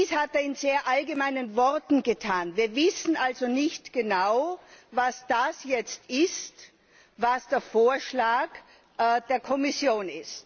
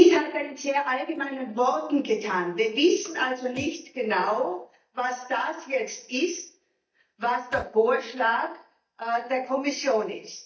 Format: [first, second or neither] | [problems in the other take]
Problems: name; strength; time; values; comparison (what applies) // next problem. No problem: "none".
first | noise reduction (neural mask model DeepFilterNet 3)